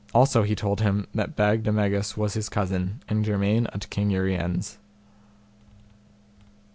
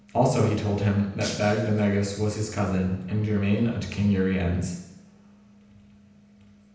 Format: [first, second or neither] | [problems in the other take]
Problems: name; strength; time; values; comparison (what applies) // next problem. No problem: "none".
first | background sound (Shatter); 15 dB below the speech // room echo; dies away in 0.9 s